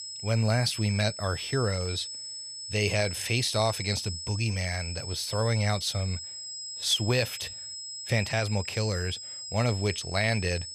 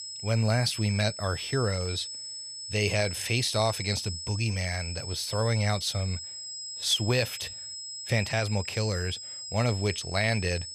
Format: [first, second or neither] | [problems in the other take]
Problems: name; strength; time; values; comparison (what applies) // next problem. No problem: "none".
neither | high-pitched whine; loud; throughout; 5 kHz, 8 dB below the speech; the same in both